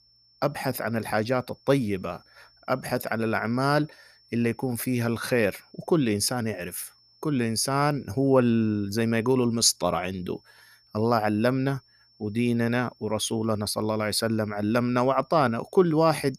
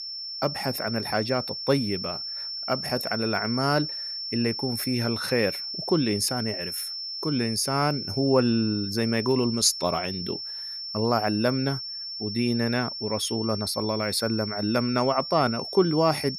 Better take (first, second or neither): first